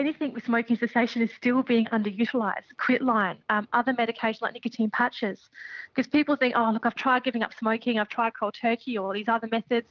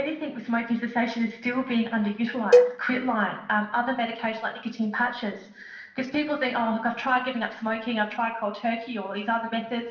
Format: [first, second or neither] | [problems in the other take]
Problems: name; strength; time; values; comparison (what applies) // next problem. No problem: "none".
first | background sound (Cowbell); 3 dB above the speech // room echo; dies away in 0.8 s